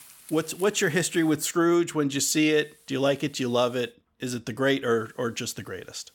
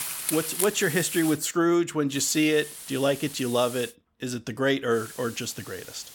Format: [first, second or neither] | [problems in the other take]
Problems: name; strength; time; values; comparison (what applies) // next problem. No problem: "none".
first | hiss; loud; until 1.5 s, from 2 to 4 s and from 5 s on; 9 dB below the speech; faint in the first